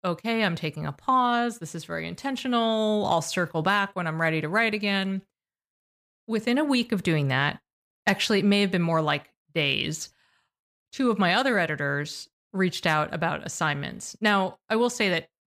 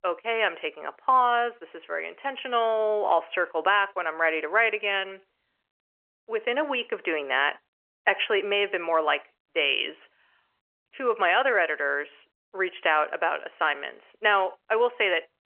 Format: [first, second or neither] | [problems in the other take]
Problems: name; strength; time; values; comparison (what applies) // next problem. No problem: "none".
first | phone-call audio; nothing above 3 kHz